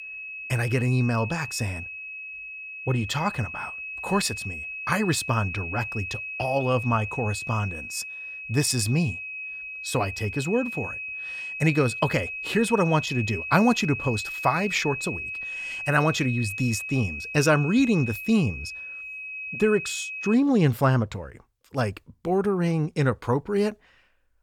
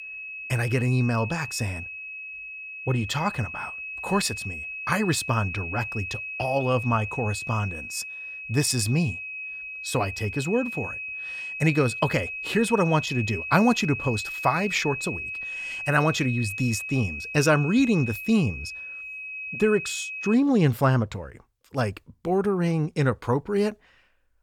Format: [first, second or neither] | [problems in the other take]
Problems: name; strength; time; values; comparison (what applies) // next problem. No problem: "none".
neither | high-pitched whine; loud; until 20 s; 2.5 kHz, 7 dB below the speech; the same in both